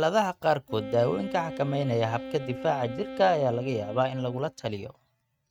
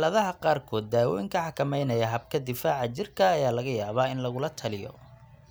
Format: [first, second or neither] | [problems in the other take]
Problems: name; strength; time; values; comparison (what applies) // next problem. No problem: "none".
second | noise reduction (neural mask model RNNoise)